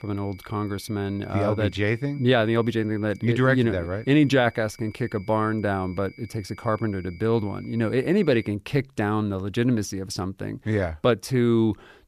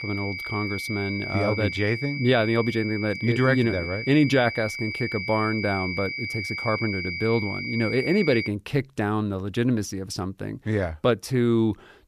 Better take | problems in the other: first | high-pitched whine; loud; until 8.5 s; 2.5 kHz, 5 dB below the speech; faint in the first

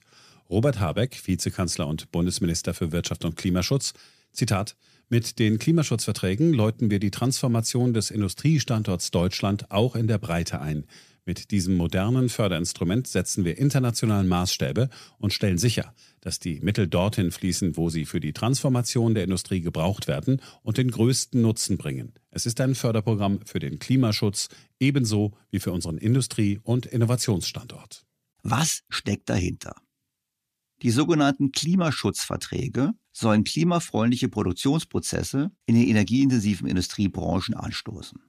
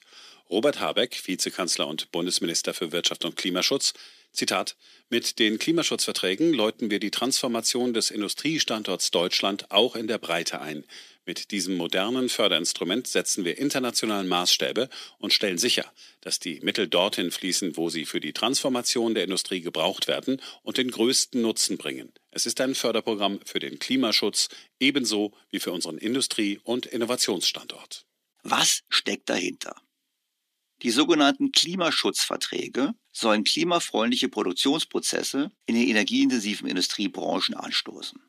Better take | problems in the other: first | thin; somewhat; fading below 250 Hz

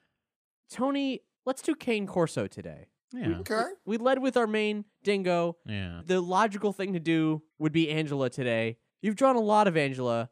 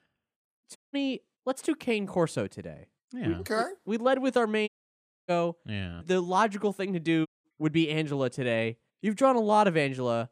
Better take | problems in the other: first | audio cutting out; at 1 s, at 4.5 s for 0.5 s and at 7.5 s

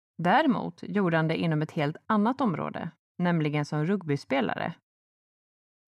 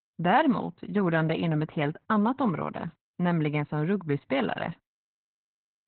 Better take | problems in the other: first | garbled, watery; badly; nothing above 4 kHz

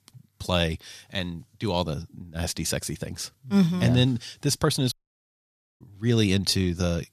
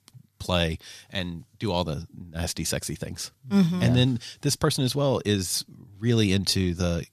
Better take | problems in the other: second | audio cutting out; at 5 s for 1 s

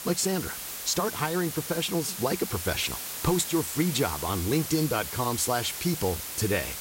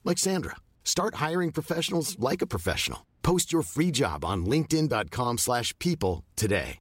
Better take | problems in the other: second | hiss; loud; throughout; 5 dB below the speech

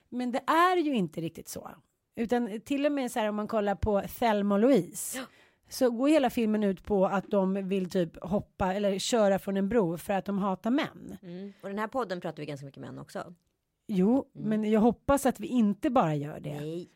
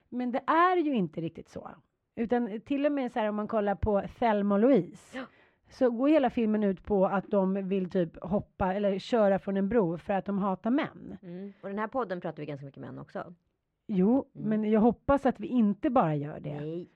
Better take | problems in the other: first | muffled; slightly; fading above 2.5 kHz

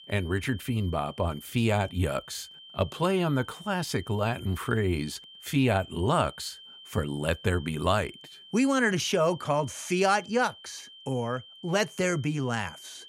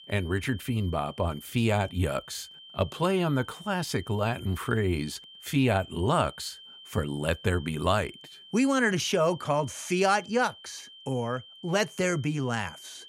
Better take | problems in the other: neither | high-pitched whine; noticeable; throughout; 3 kHz, 20 dB below the speech; the same in both

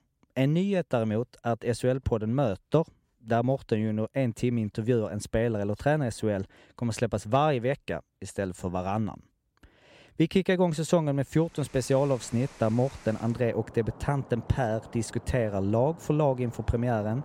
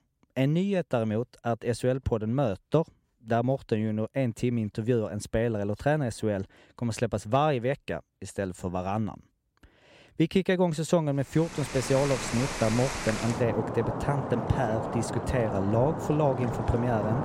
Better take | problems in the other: first | rain or running water; loud; from 12 s on; 5 dB below the speech; faint in the first

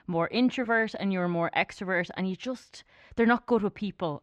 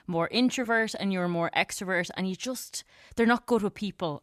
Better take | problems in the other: second | muffled; slightly; fading above 3 kHz

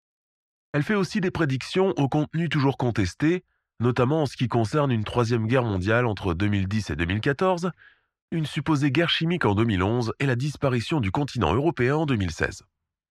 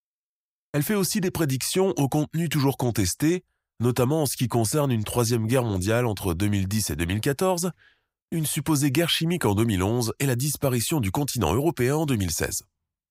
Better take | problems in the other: second | muffled; slightly; fading above 3 kHz

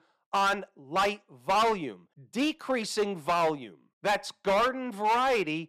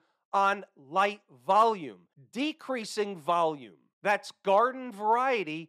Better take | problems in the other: second | distortion; heavy; 10% of the sound clipped

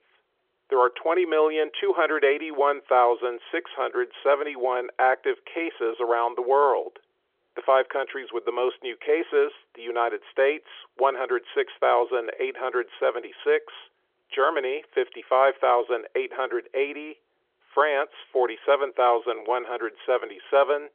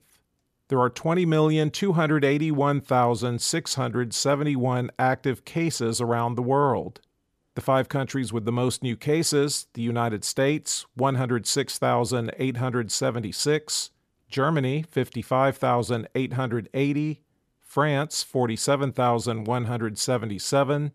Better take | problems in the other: second | phone-call audio; nothing above 3.5 kHz

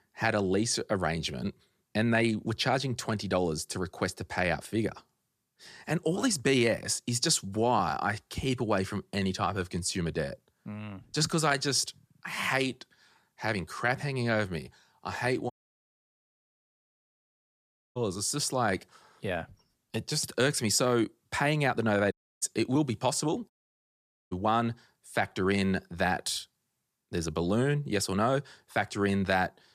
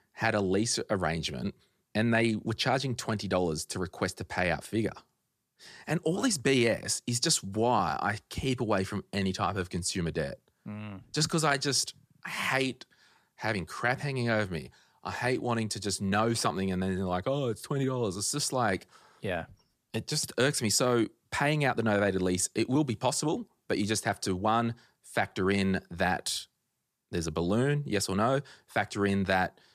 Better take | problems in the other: second | audio cutting out; at 16 s for 2.5 s, at 22 s and at 24 s for 1 s

